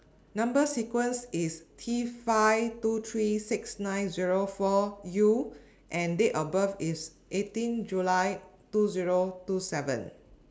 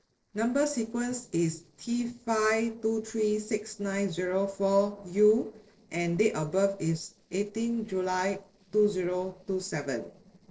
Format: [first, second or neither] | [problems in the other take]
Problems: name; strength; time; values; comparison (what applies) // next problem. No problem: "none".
first | noise reduction (neural separator model SepFormer DNS4)